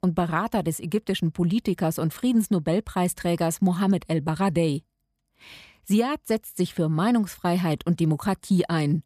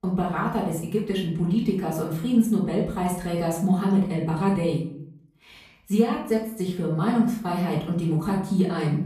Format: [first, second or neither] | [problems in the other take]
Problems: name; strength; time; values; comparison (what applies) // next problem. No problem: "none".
first | room echo; noticeable; dies away in 0.5 s // off-mic speech; far